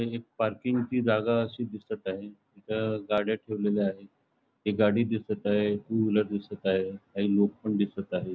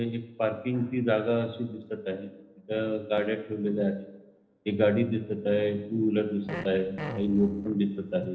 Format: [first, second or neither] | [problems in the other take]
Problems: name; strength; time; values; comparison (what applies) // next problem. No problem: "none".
first | noise reduction (neural separator model SepFormer DNS4)